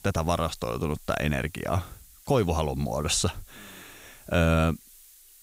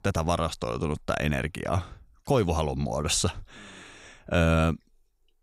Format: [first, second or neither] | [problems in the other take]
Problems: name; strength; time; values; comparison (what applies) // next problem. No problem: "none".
second | hiss; faint; throughout; 25 dB below the speech